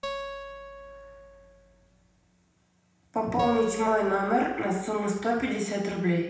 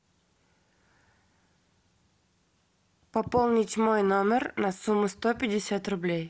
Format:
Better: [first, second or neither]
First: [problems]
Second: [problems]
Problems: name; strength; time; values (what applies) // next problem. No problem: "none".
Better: second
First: background sound (Acoustic guitar); 13 dB below the speech // room echo; dies away in 0.8 s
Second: none